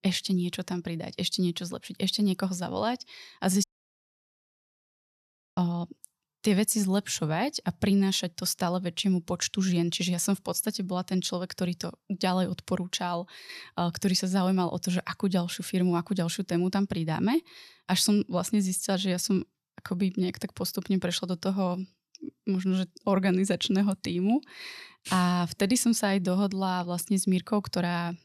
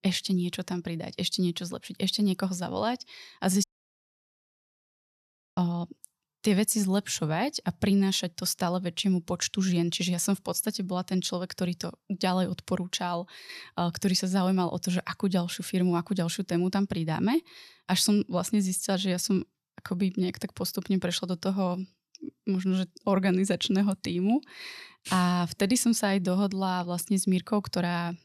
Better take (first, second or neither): neither